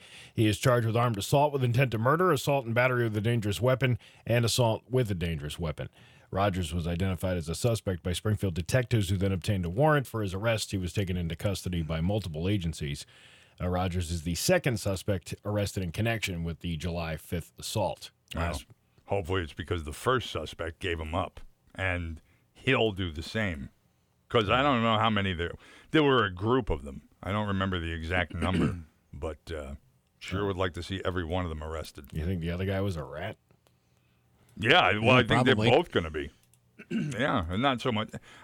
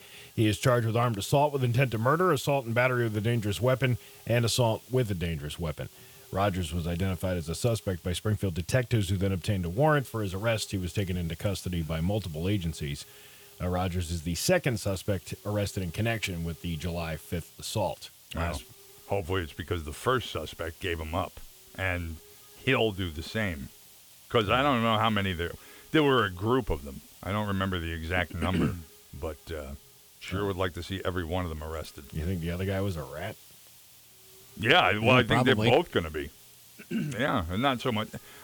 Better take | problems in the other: first | hiss; faint; throughout; 20 dB below the speech

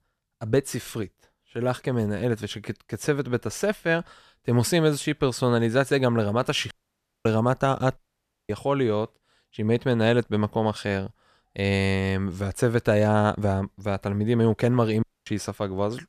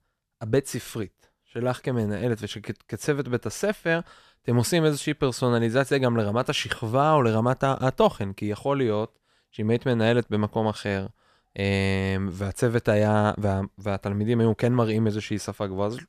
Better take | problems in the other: second | audio cutting out; at 6.5 s for 0.5 s, at 8 s for 0.5 s and at 15 s

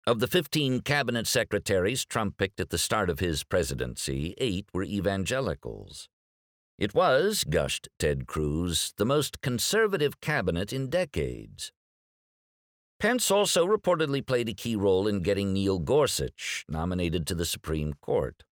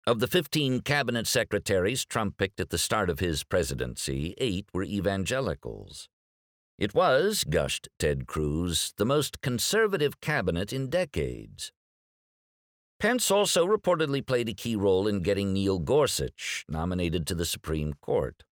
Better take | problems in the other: neither | none

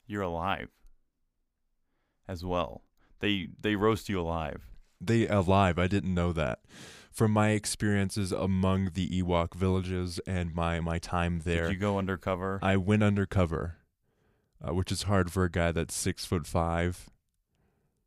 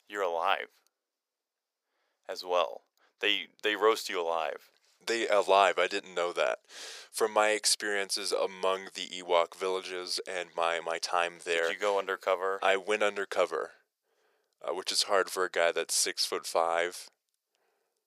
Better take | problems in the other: first | thin; very; fading below 450 Hz

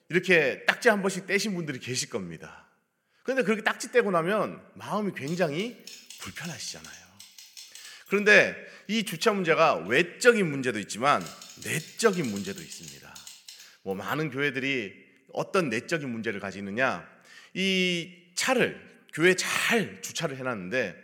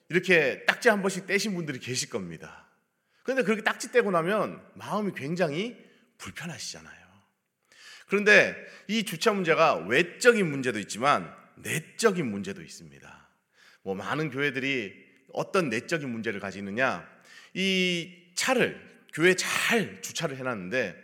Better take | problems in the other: second | keyboard typing; faint; from 5.5 to 14 s; peak 15 dB below the speech

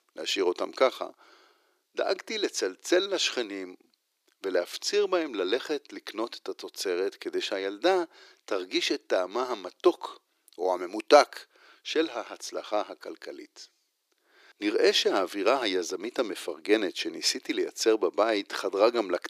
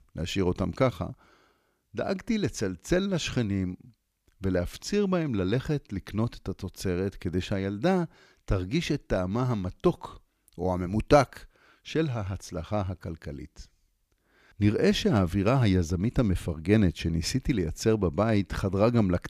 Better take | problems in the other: second | thin; very; fading below 350 Hz

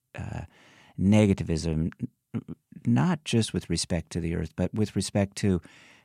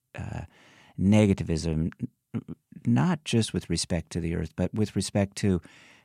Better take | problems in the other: neither | none

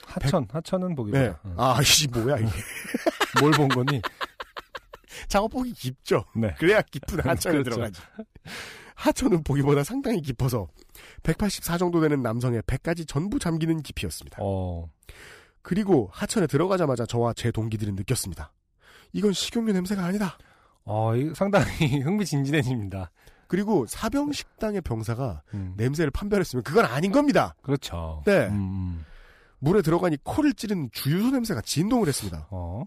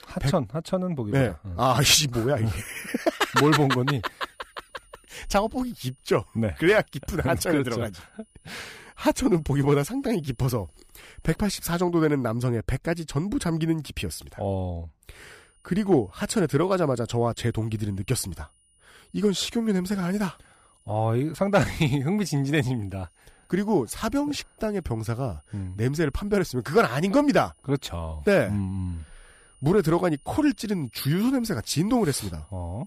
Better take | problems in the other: first | high-pitched whine; faint; from 4 to 12 s and from 15 s on; 9.5 kHz, 35 dB below the speech

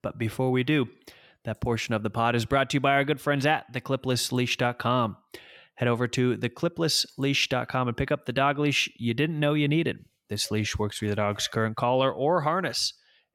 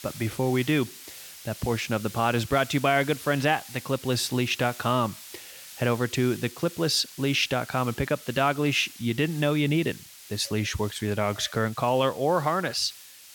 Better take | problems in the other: first | hiss; noticeable; throughout; 15 dB below the speech

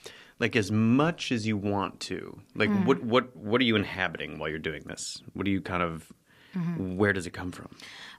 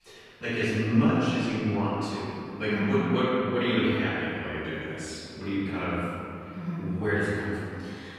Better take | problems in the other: first | off-mic speech; far // room echo; strong; dies away in 2.4 s

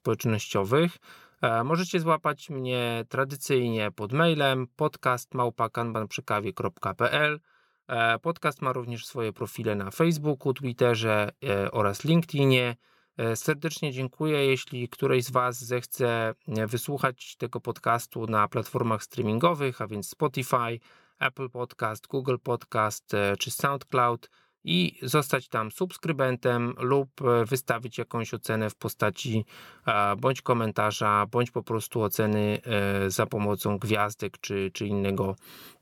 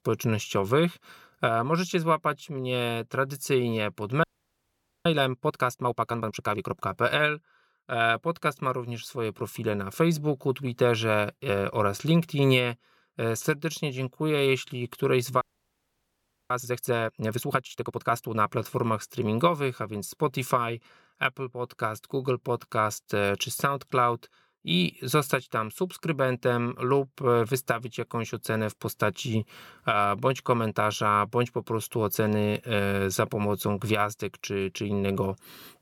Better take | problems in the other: first | audio freezing; at 4 s for 1 s and at 15 s for 1 s

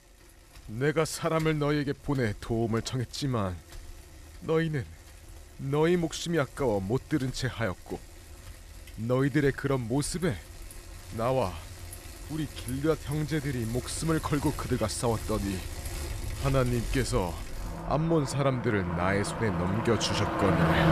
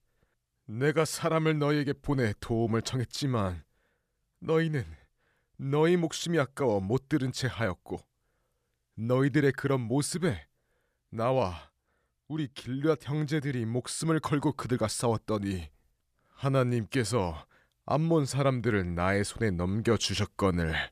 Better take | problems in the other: second | traffic noise; loud; throughout; 8 dB below the speech

